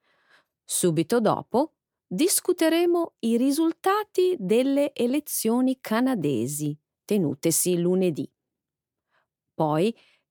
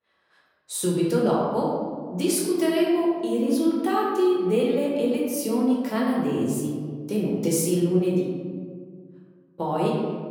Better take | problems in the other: first | room echo; noticeable; dies away in 1.6 s // off-mic speech; far

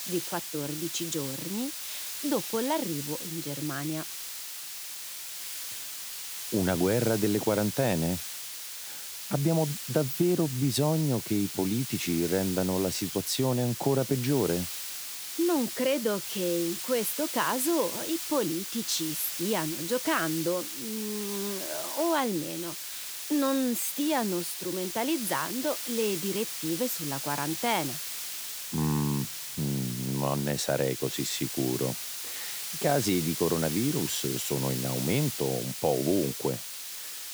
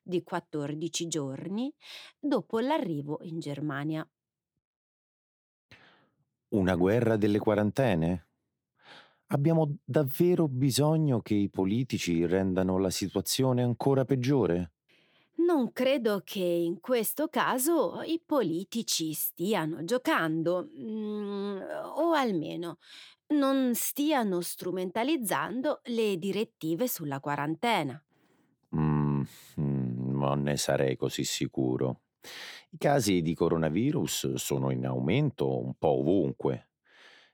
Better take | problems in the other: second | hiss; loud; throughout; 4 dB below the speech

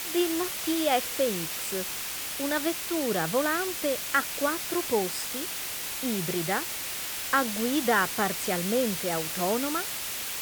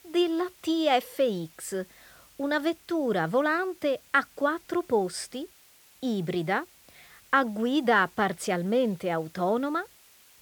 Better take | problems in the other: second | hiss; loud; throughout; 2 dB below the speech; faint in the second

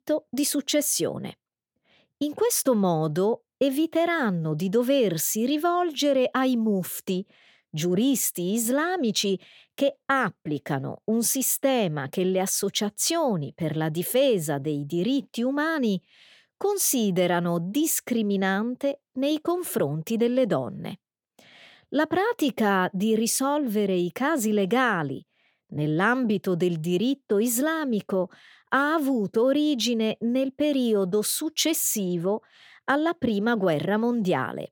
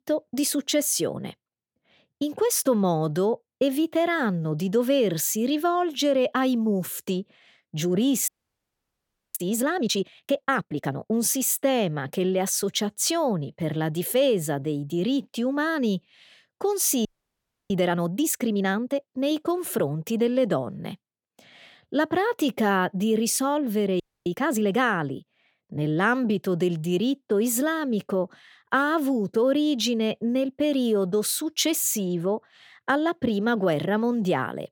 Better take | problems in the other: first | audio freezing; at 8.5 s for 1 s, at 17 s for 0.5 s and at 24 s

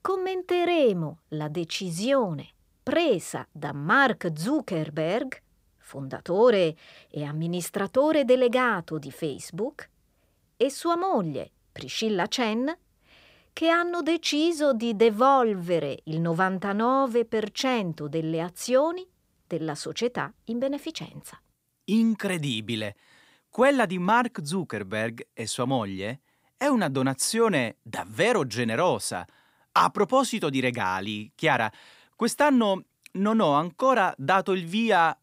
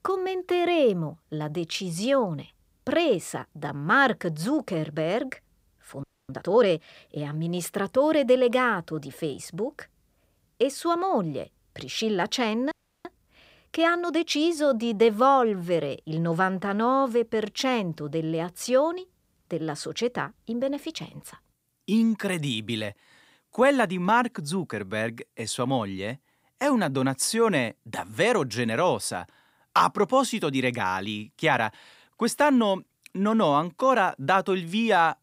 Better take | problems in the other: first | audio freezing; at 6 s and at 13 s

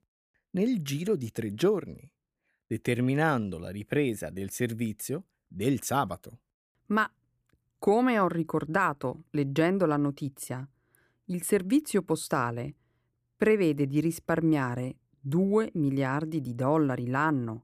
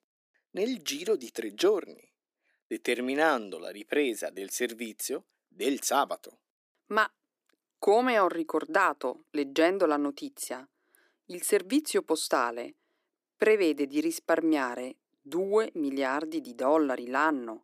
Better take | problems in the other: first | thin; somewhat; fading below 300 Hz

